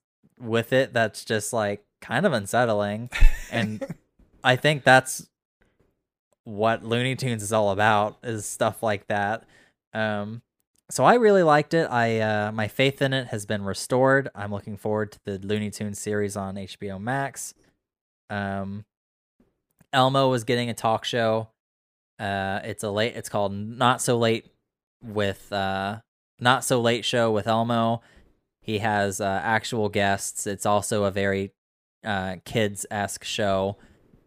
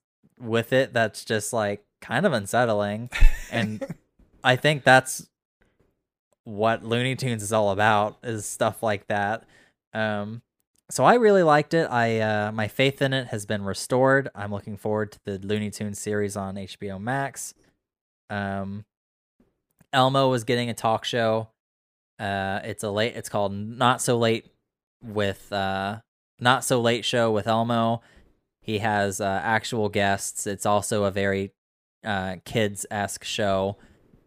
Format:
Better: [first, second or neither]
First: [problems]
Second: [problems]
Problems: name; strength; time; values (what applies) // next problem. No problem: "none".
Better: neither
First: none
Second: none